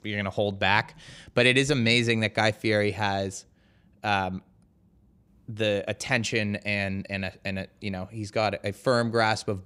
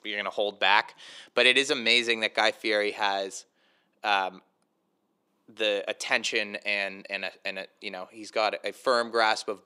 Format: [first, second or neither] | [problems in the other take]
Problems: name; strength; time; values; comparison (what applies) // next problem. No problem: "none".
first | thin; somewhat; fading below 350 Hz